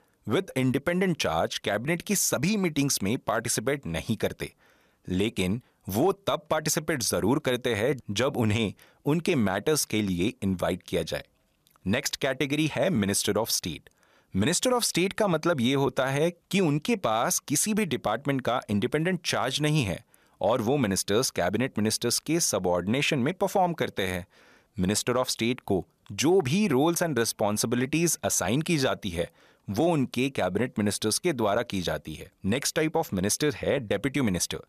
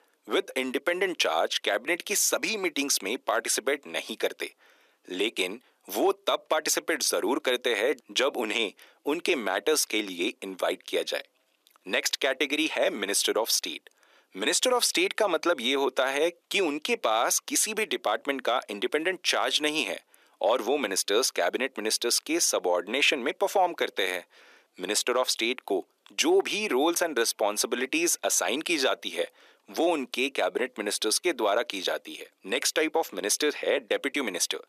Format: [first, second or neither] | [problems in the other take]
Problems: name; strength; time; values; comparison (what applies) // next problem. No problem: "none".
first | thin; somewhat; fading below 300 Hz